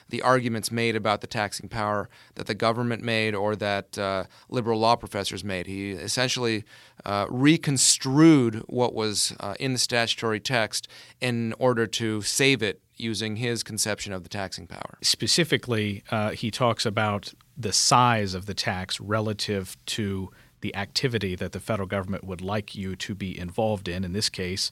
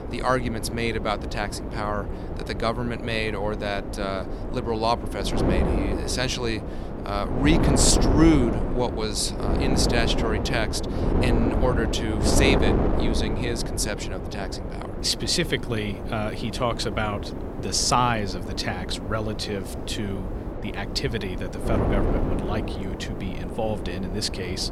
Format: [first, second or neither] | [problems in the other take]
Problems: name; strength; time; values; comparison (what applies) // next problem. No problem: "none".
first | wind noise on the microphone; heavy; 5 dB below the speech